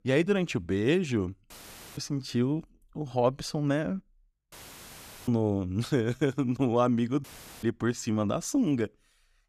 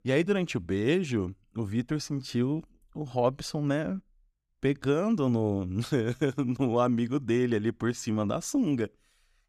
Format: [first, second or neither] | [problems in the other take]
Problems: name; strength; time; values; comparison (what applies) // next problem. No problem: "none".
second | audio cutting out; filled with static; at 1.5 s, at 4.5 s for 1 s and at 7 s